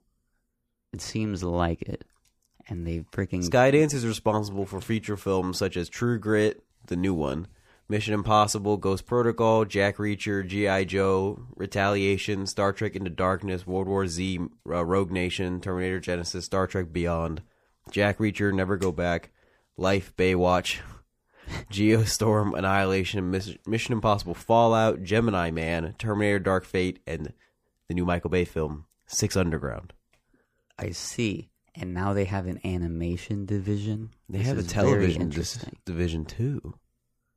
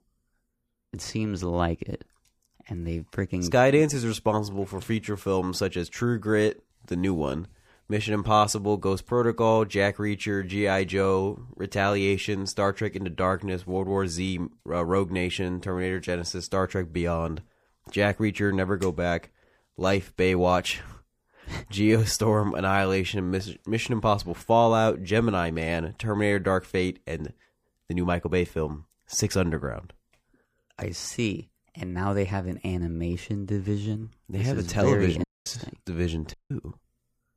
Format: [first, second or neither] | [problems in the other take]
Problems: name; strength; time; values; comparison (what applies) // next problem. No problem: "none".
first | audio cutting out; at 35 s and at 36 s